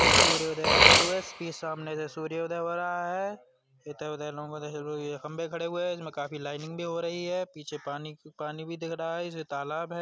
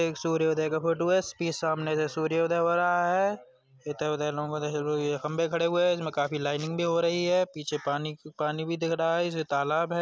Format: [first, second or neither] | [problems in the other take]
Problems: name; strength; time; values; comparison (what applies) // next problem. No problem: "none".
second | background sound (Burping, eructation); 3 dB above the speech